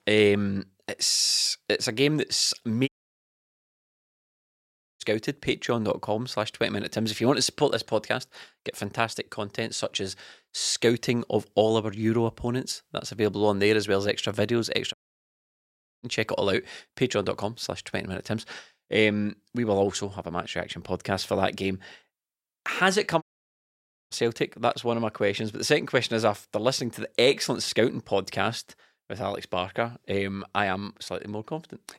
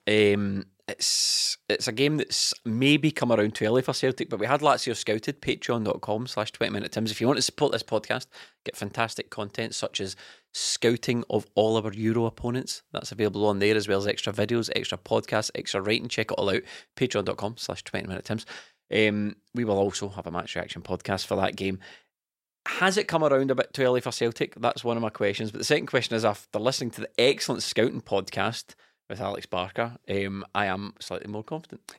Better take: second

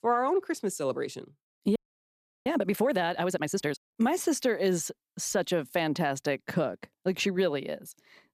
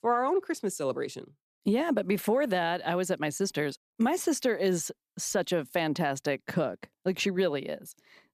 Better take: second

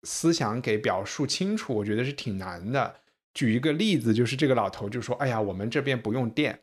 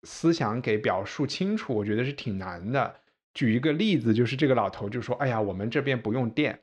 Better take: first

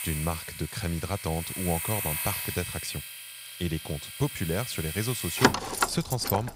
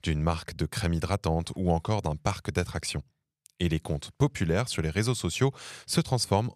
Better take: second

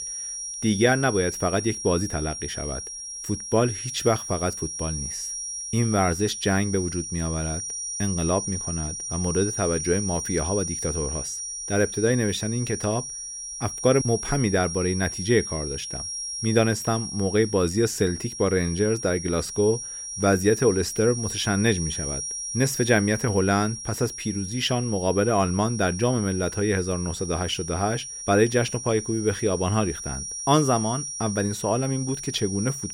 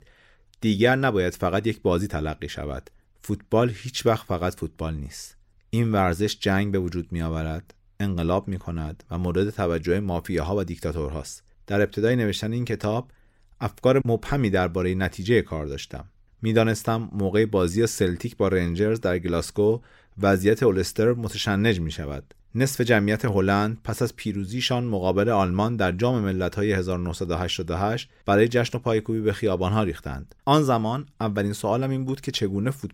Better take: second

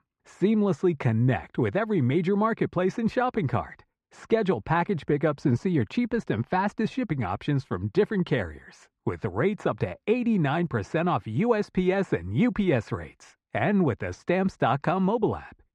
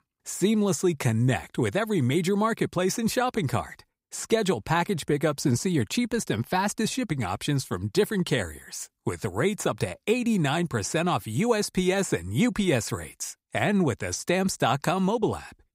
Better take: second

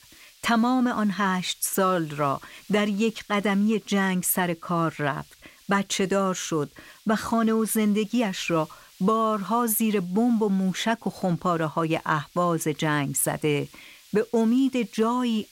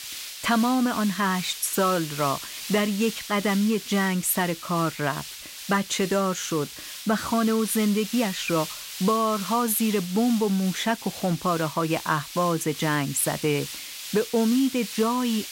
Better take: first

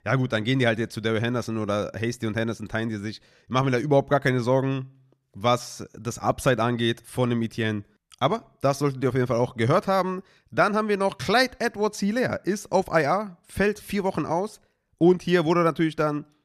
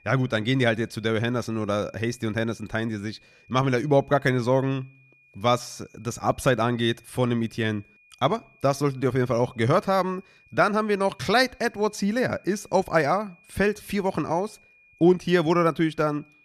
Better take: first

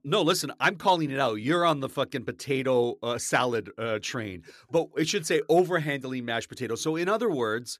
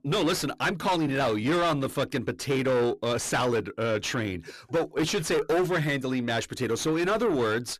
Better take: first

